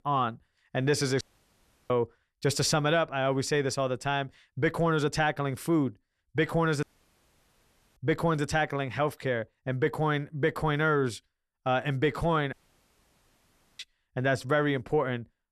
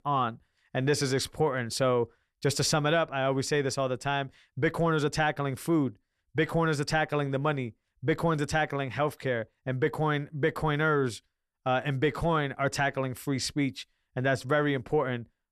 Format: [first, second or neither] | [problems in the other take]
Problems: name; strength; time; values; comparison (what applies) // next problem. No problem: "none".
second | audio cutting out; at 1 s for 0.5 s, at 7 s for 1 s and at 13 s for 1.5 s